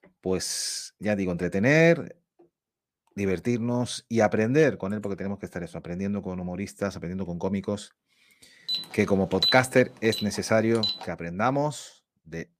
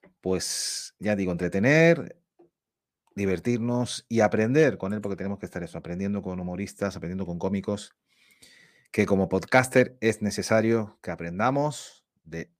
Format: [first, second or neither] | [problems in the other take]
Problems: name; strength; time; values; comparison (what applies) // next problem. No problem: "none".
second | alarm; loud; from 8.5 to 11 s; peak 2 dB above the speech